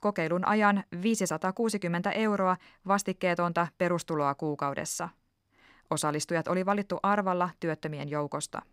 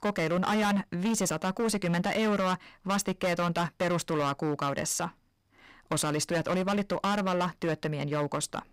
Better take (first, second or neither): first